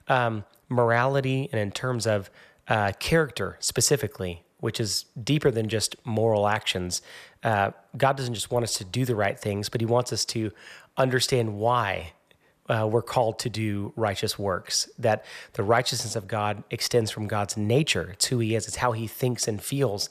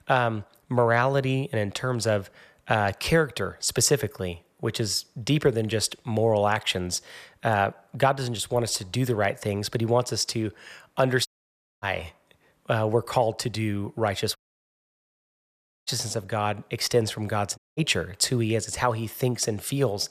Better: first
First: none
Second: audio cutting out; at 11 s for 0.5 s, at 14 s for 1.5 s and at 18 s

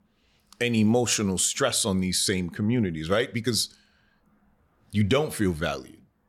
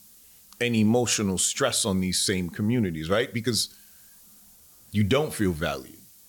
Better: first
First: none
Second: hiss; faint; throughout; 25 dB below the speech

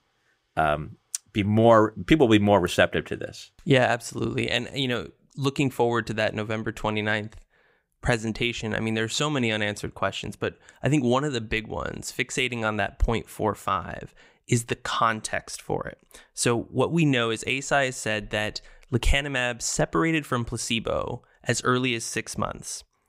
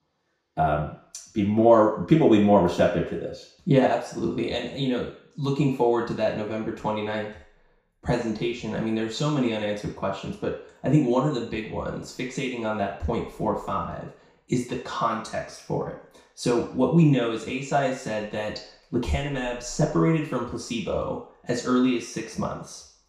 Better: first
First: none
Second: room echo; noticeable; dies away in 0.6 s // off-mic speech; far

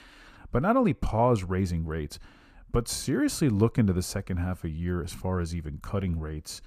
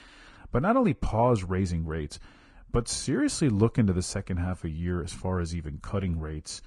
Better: first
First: none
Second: garbled, watery; slightly; nothing above 10 kHz

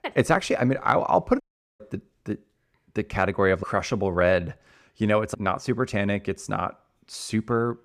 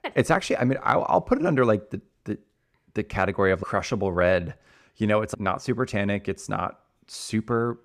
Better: second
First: audio cutting out; at 1.5 s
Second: none

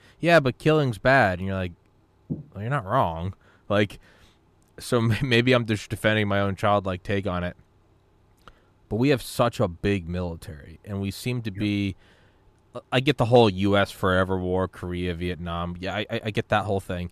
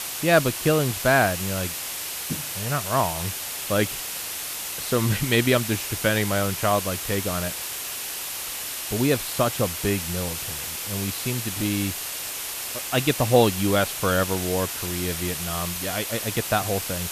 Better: first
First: none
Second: hiss; loud; throughout; 4 dB below the speech

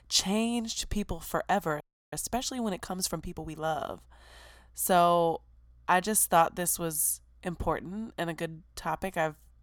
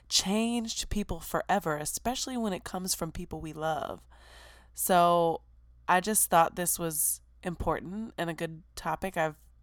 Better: second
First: audio freezing; at 2 s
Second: none

